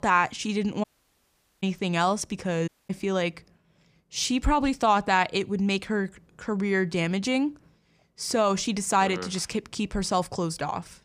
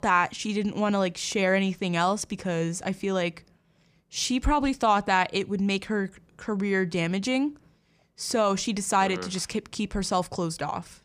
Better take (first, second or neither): second